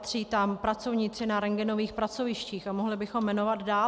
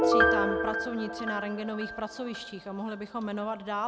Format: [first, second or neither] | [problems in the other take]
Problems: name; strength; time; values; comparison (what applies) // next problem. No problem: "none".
first | background sound (Piano); 4 dB above the speech